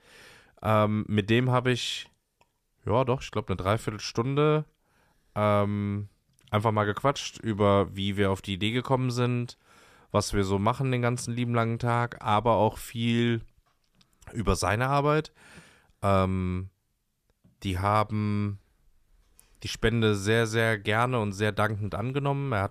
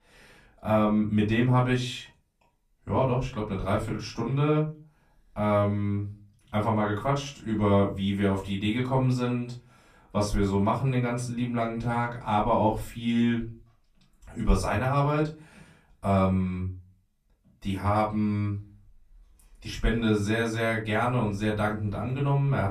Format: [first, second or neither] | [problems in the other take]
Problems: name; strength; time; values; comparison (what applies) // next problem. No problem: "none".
first | off-mic speech; far // room echo; slight; dies away in 0.3 s